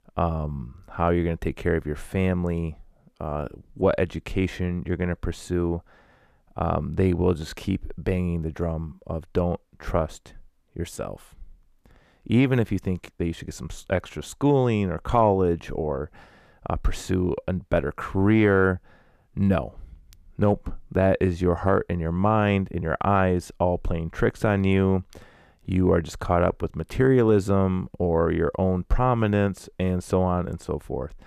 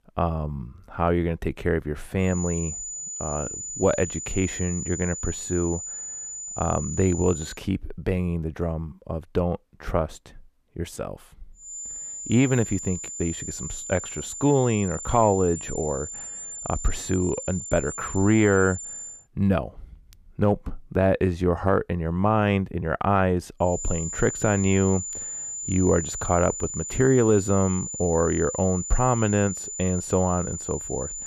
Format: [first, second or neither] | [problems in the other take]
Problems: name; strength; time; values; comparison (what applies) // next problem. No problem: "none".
first | high-pitched whine; loud; from 2.5 to 7.5 s, from 12 to 19 s and from 24 s on; 7 kHz, 7 dB below the speech